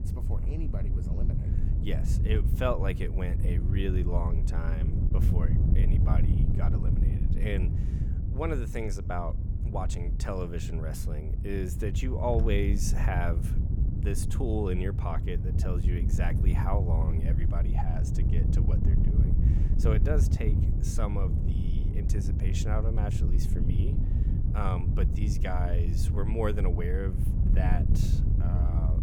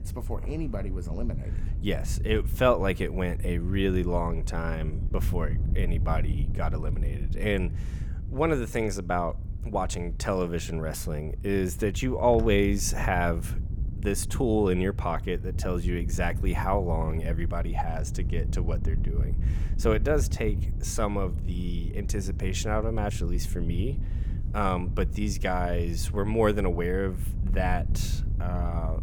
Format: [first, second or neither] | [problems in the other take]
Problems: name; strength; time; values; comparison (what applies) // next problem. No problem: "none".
second | wind noise on the microphone; heavy; 5 dB below the speech; occasional gusts in the second